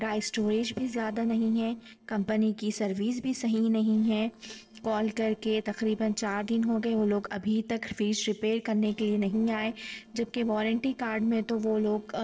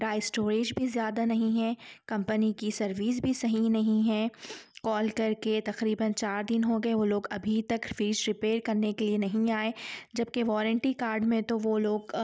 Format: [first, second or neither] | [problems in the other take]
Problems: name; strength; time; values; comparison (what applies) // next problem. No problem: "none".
second | noise reduction (neural separator model SepFormer DNS4)